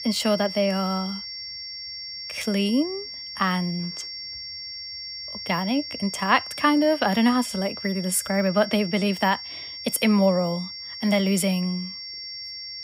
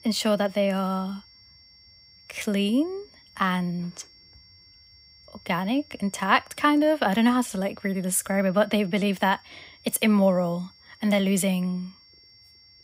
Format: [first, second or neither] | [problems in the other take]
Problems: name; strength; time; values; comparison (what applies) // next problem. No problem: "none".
second | high-pitched whine; loud; throughout; 5.5 kHz, 9 dB below the speech; faint in the second